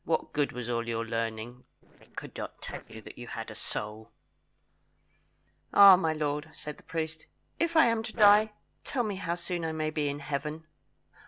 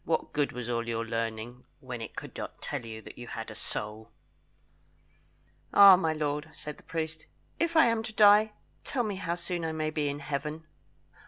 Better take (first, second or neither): second